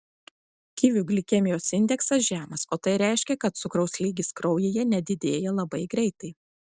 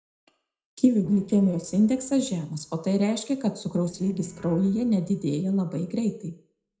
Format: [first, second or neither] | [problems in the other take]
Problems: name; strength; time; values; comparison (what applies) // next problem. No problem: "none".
first | noise reduction (neural separator model SepFormer DNS4)